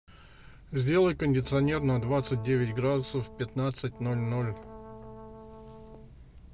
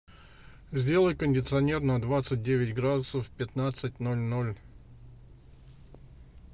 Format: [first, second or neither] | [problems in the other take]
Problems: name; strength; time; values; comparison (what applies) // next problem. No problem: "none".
second | background sound (Brass instrument); 17 dB below the speech